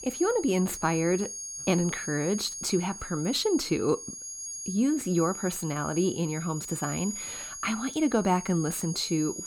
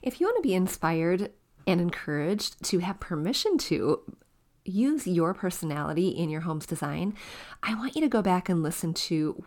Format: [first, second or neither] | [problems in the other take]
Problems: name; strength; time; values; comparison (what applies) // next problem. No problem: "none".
second | high-pitched whine; loud; throughout; 6.5 kHz, 8 dB below the speech